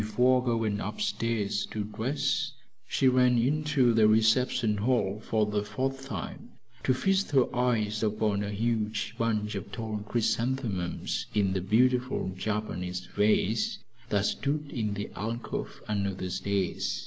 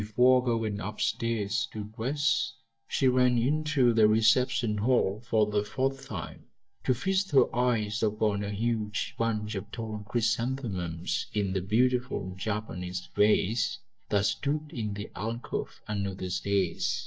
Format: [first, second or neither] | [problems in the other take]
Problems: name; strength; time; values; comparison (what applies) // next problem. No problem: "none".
first | noise reduction (neural mask model DeepFilterNet 3)